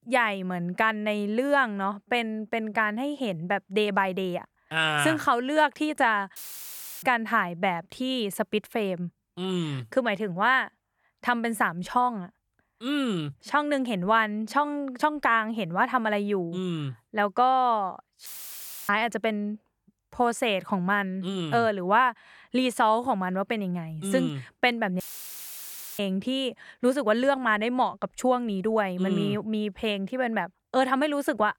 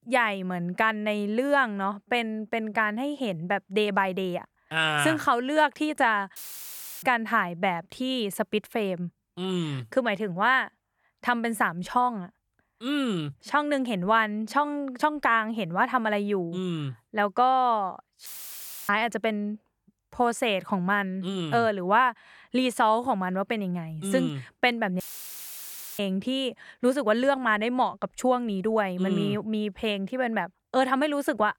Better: neither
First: audio cutting out; filled with static; at 6.5 s for 0.5 s, at 18 s for 0.5 s and at 25 s for 1 s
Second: audio cutting out; filled with static; at 6.5 s for 0.5 s, at 18 s for 0.5 s and at 25 s for 1 s

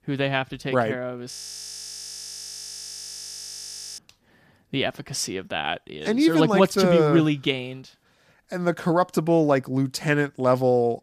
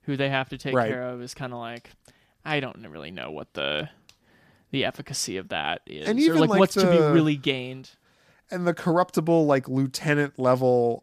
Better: second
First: audio freezing; at 1.5 s for 2.5 s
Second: none

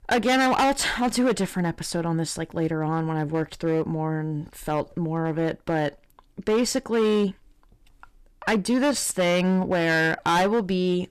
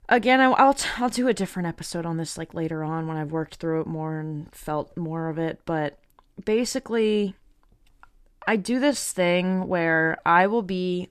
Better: second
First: distortion; heavy; 11% of the sound clipped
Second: none

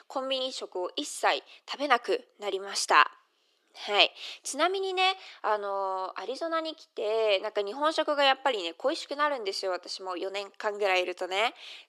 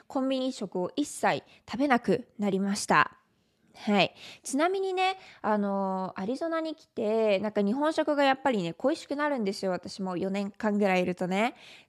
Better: second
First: thin; very; fading below 350 Hz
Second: none

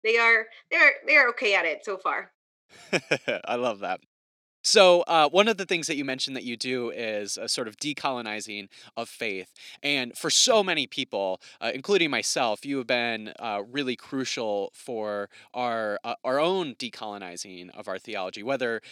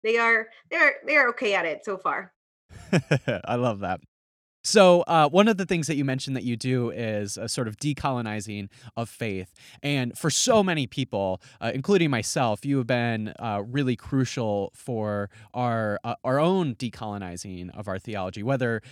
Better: second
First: thin; somewhat; fading below 350 Hz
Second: none

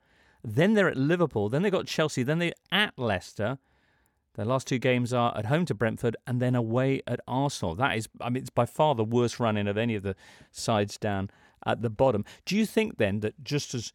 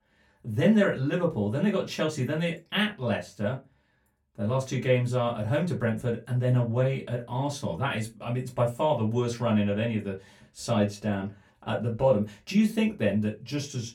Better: first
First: none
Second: off-mic speech; far // room echo; very slight; dies away in 0.2 s

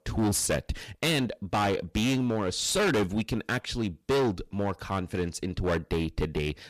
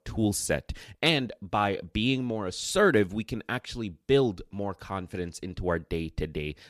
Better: second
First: distortion; heavy; 14% of the sound clipped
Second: none

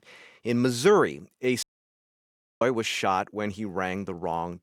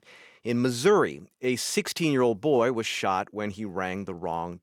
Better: second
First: audio cutting out; at 1.5 s for 1 s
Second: none

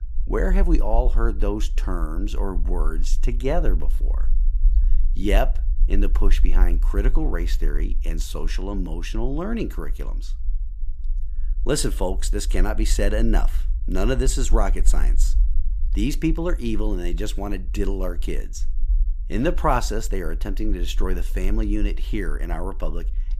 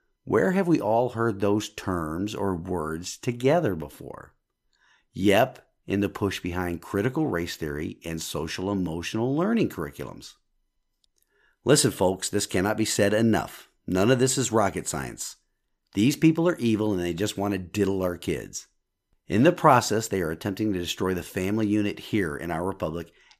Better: second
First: low rumble; faint; throughout; 25 dB below the speech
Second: none

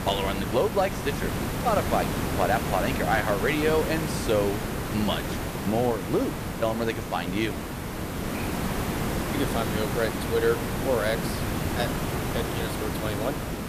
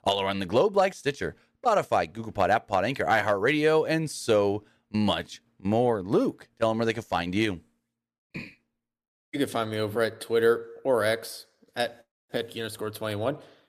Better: second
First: hiss; loud; throughout; 2 dB below the speech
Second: none

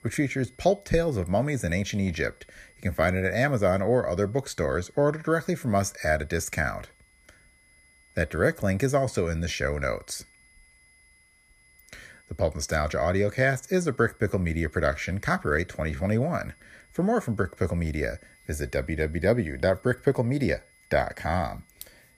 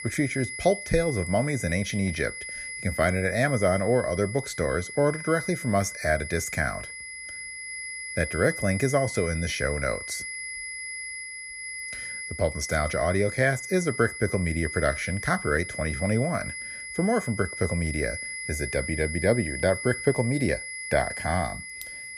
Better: first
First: high-pitched whine; faint; throughout; 2 kHz, 30 dB below the speech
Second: high-pitched whine; loud; throughout; 2 kHz, 7 dB below the speech

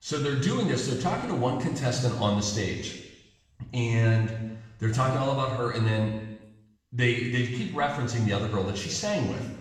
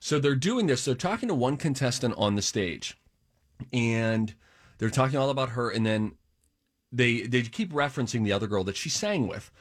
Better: second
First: room echo; noticeable; dies away in 1 s // off-mic speech; far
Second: none

